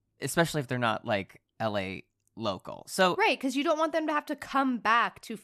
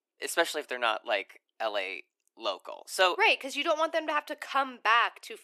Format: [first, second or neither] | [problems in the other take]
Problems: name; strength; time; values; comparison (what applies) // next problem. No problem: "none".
first | thin; very; fading below 350 Hz